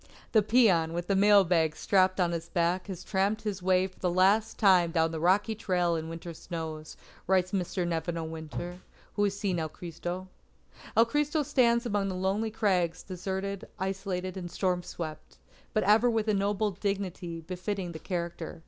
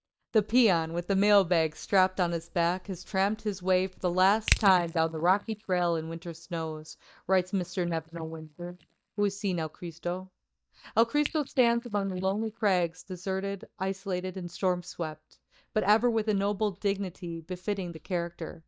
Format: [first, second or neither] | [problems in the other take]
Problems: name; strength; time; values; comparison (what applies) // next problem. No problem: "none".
first | noise reduction (neural mask model DeepFilterNet 3)